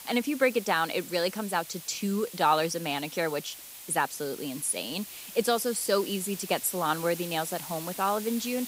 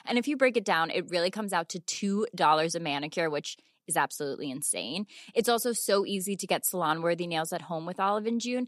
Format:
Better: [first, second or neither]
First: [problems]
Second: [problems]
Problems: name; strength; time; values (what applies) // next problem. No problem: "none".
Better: second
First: hiss; noticeable; throughout; 10 dB below the speech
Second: none